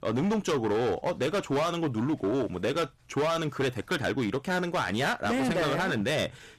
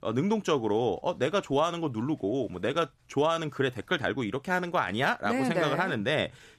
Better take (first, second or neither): second